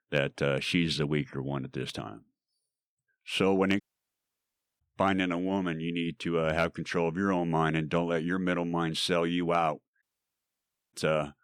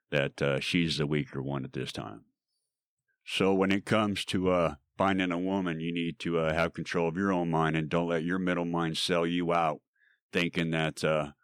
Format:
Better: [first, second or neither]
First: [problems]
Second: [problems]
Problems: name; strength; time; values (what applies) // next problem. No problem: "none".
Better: second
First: audio cutting out; at 4 s for 1 s and at 10 s for 1 s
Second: none